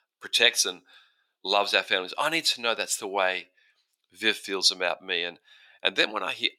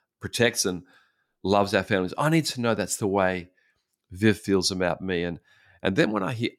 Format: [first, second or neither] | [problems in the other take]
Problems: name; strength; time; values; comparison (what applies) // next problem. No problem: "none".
second | thin; very; fading below 600 Hz